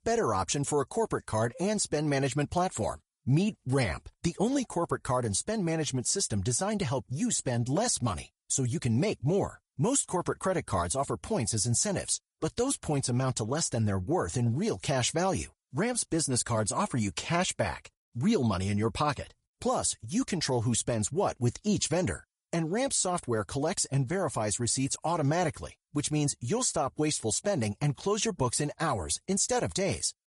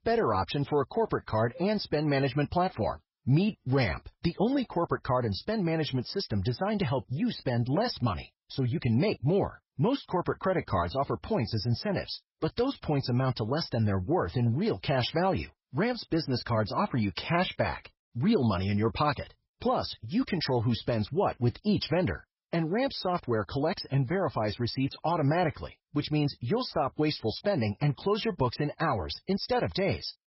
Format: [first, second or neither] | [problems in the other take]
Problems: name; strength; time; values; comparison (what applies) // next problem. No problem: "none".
first | garbled, watery; badly; nothing above 5.5 kHz; slightly in the first